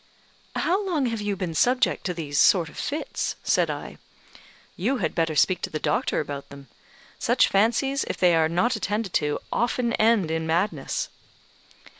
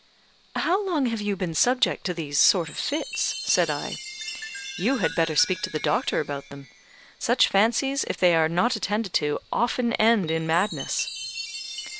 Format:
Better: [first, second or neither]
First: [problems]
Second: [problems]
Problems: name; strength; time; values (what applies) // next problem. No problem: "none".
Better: first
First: none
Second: background sound (Chime); 13 dB below the speech